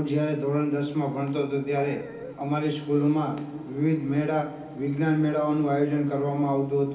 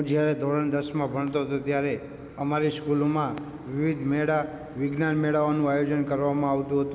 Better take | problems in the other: second | background sound (Dog); 16 dB below the speech // room echo; dies away in 0.4 s

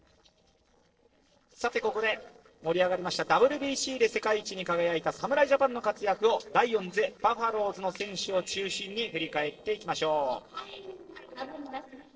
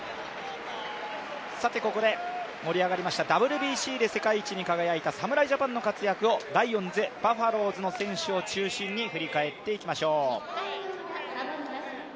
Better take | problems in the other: second | noise reduction (neural separator model SepFormer DNS4)

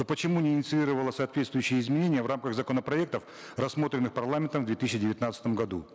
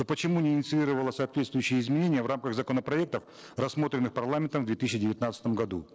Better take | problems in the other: first | noise reduction (neural separator model SepFormer DNS4)

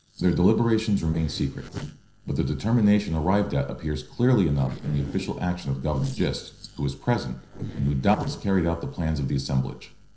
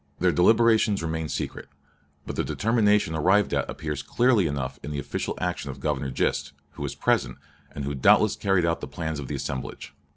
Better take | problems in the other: second | noise reduction (neural separator model SepFormer DNS4)

